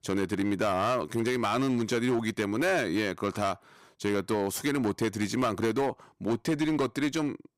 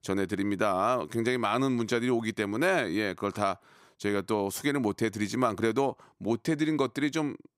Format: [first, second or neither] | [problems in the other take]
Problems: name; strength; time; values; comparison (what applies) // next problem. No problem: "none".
second | distortion; slight; 11% of the sound clipped